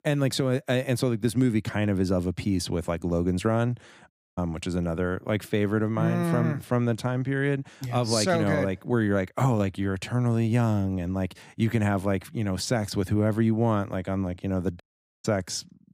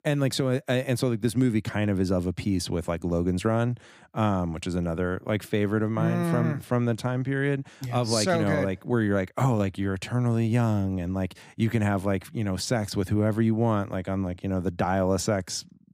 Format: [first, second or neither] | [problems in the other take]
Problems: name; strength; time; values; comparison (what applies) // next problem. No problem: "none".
second | audio cutting out; at 4 s and at 15 s